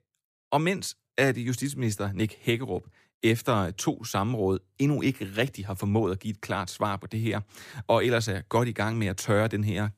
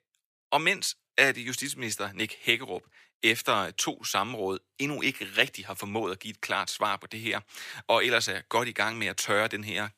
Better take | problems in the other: first | thin; somewhat; fading below 850 Hz

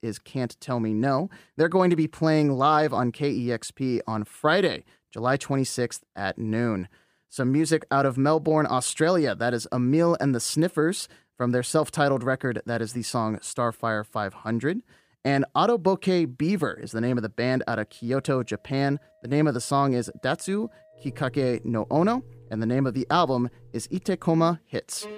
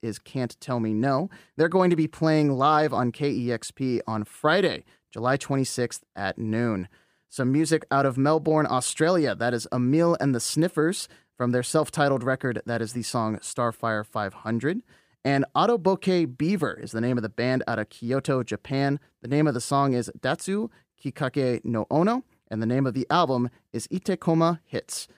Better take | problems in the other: second | background music; faint; from 18 s on; 25 dB below the speech

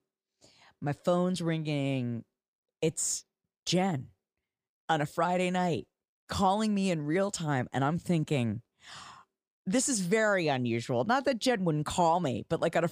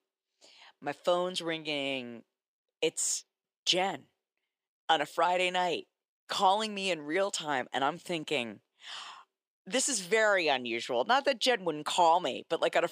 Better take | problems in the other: first | thin; somewhat; fading below 400 Hz

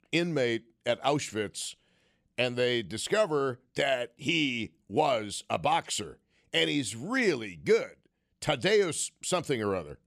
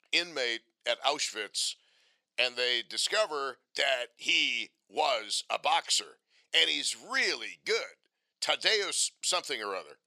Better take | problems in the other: first | thin; very; fading below 700 Hz

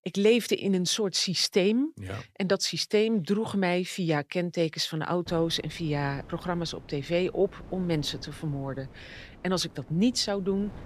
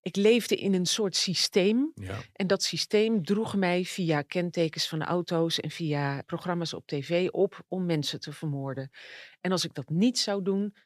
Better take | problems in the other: second | wind noise on the microphone; occasional gusts; from 5.5 s on; 25 dB below the speech

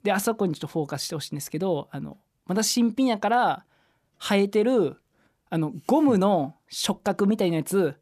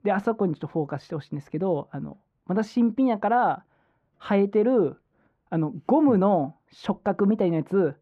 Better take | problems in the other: first | muffled; very; fading above 4 kHz

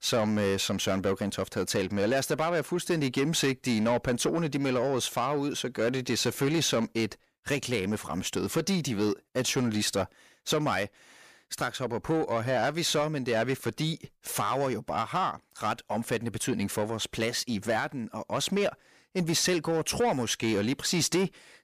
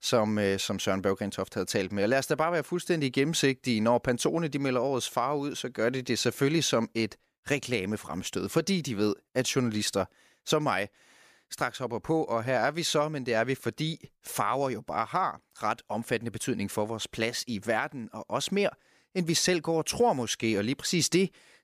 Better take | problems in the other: second | distortion; slight; 10 dB below the speech

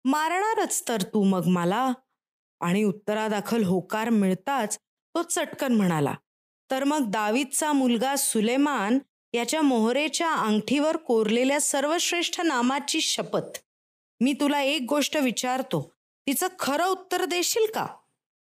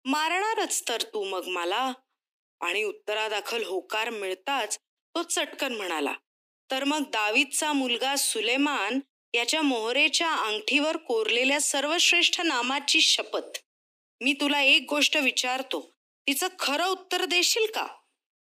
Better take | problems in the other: first | thin; very slightly; fading below 250 Hz

